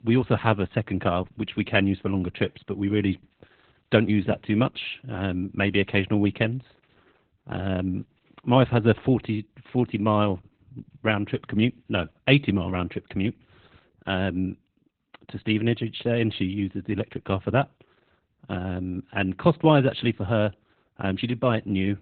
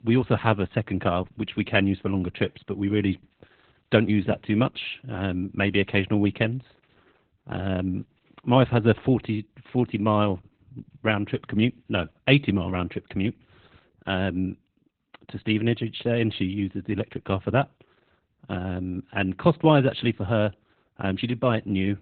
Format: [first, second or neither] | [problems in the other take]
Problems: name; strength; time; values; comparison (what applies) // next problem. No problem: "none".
neither | garbled, watery; badly; nothing above 3.5 kHz; the same in both